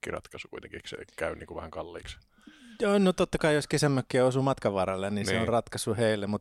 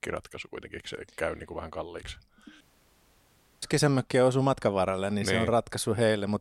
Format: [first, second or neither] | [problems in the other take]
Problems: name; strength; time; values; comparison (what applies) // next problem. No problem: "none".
first | audio cutting out; at 2.5 s for 1 s